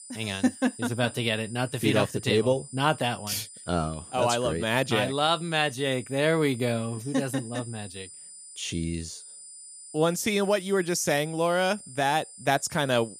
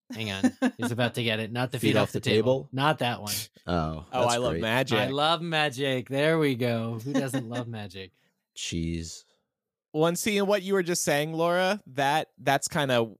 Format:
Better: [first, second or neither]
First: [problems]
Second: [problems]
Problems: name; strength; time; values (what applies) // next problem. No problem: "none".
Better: second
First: high-pitched whine; noticeable; throughout; 9 kHz, 15 dB below the speech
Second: none